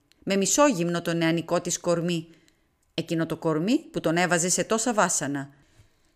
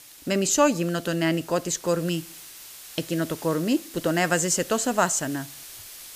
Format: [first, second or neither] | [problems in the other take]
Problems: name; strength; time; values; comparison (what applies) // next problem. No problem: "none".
first | hiss; noticeable; throughout; 15 dB below the speech